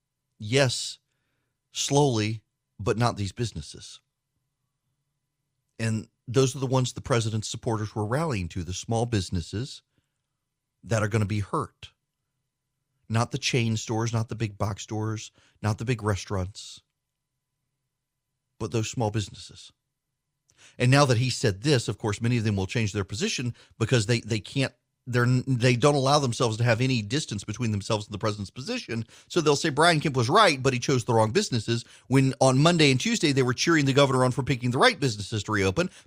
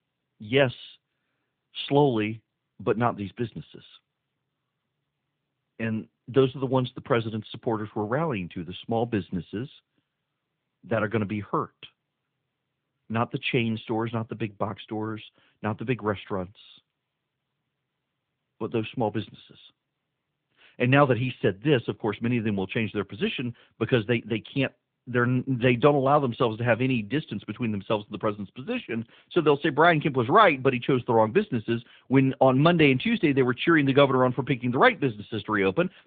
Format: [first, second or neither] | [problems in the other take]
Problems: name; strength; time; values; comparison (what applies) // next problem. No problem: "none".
first | phone-call audio; nothing above 3.5 kHz